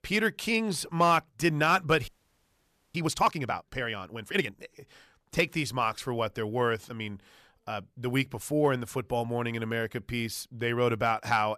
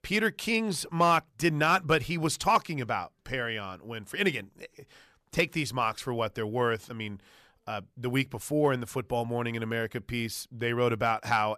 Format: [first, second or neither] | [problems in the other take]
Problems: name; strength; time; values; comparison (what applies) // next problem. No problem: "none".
second | audio freezing; at 2 s for 1 s